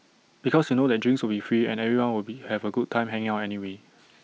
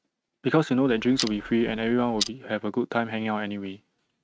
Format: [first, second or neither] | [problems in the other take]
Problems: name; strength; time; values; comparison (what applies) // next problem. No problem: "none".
first | noise reduction (neural mask model RNNoise)